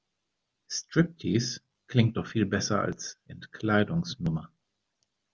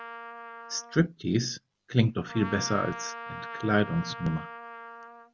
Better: first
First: none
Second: background sound (Trumpet); 12 dB below the speech

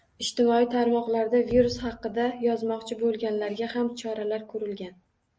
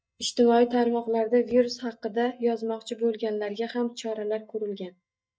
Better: first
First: none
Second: noise reduction (neural mask model DeepFilterNet 3)

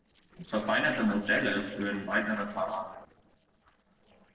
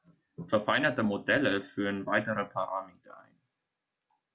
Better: second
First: noise reduction (neural separator model SepFormer DNS4)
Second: none

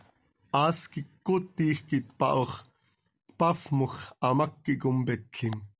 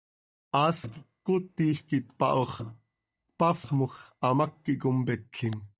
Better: first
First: none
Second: noise reduction (neural mask model DeepFilterNet 3)

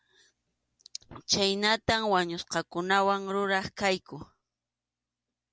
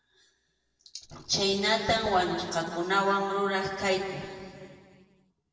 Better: first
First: none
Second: room echo; dies away in 2.3 s

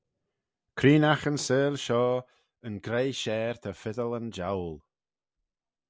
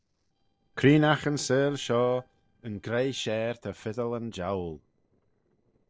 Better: first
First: none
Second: noise reduction (neural separator model SepFormer DNS4)

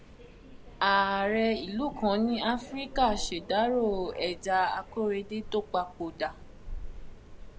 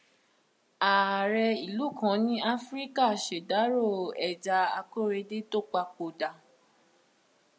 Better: second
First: background sound (Subway, metro, underground); 13 dB below the speech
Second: none

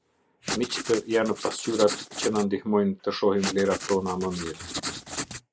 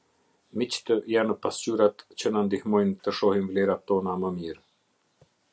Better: second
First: noise reduction (neural mask model Resemble Enhance denoiser)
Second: none

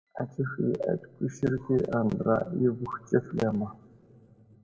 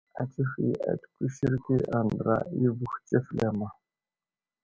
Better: second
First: room echo; dies away in 1 s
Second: none

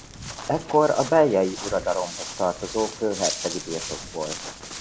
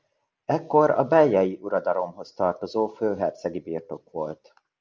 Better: second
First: background sound (Walk, footsteps); 10 dB below the speech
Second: none

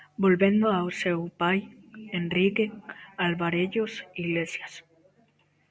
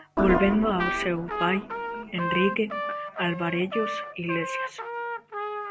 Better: first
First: none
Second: background sound (Trumpet + Organ); 3 dB below the speech

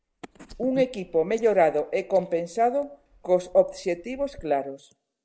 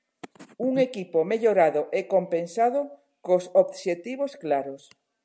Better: second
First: noise reduction (neural mask model Resemble Enhance denoiser)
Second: none

